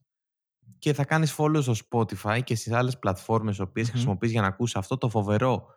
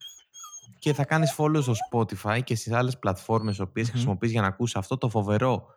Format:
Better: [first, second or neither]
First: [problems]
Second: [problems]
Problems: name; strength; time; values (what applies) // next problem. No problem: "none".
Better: first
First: none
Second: dog barking; noticeable; until 3.5 s; peak 8 dB below the speech